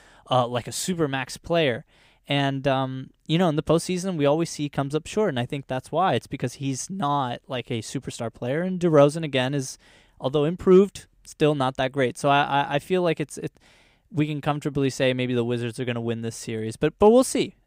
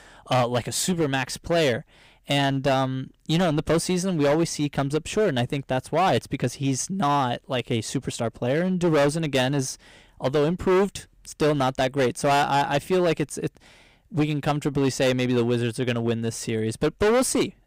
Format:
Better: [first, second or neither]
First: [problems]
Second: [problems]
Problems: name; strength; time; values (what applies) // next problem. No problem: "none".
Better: first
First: none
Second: distortion; heavy; 11% of the sound clipped